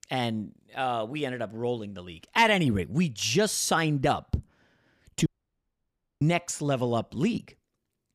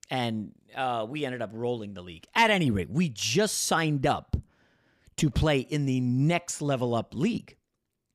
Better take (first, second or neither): second